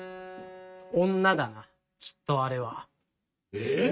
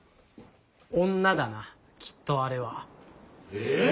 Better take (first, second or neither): second